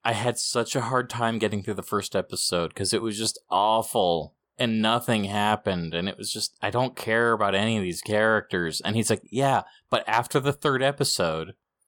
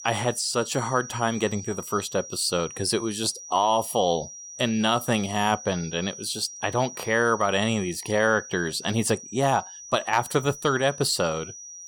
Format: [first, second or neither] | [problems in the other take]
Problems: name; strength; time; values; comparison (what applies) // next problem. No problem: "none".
first | high-pitched whine; noticeable; throughout; 6 kHz, 15 dB below the speech